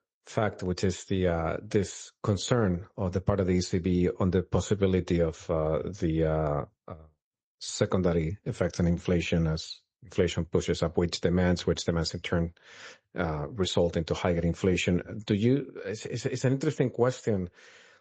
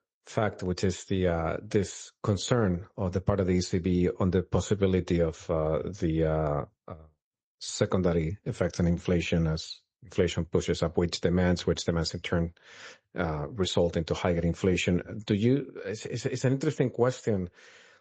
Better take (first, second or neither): neither